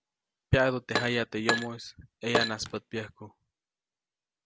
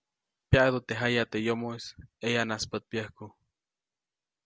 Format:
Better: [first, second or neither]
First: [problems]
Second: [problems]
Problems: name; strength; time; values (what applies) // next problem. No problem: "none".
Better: second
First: background sound (Glass); 2 dB below the speech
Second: none